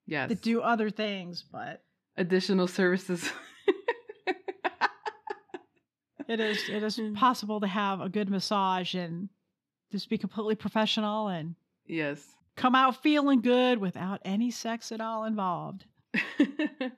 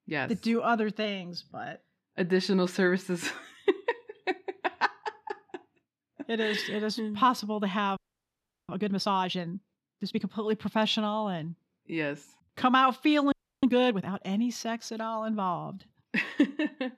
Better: first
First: none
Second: audio freezing; at 8 s for 0.5 s and at 13 s

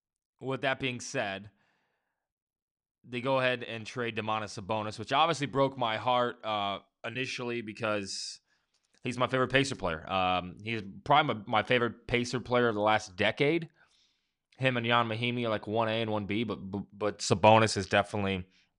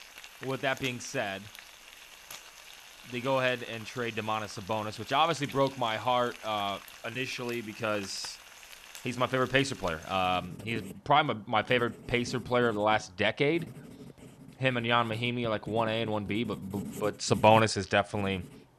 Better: first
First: none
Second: household noises; noticeable; throughout; 15 dB below the speech

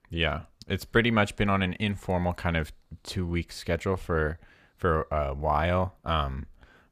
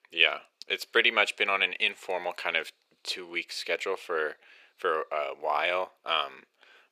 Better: first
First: none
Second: thin; very; fading below 400 Hz

